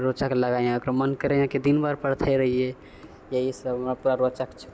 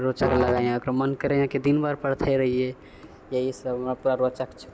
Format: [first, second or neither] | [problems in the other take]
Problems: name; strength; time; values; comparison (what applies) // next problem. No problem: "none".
first | background sound (Musical instrument); 8 dB below the speech